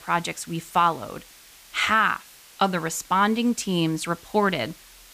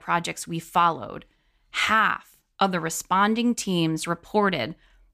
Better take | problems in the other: second | hiss; faint; throughout; 25 dB below the speech

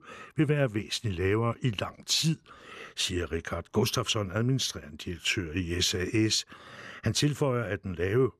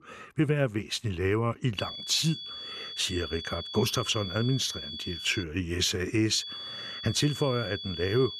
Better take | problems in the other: first | high-pitched whine; loud; from 2 to 5.5 s and from 6.5 s on; 3.5 kHz, 8 dB below the speech

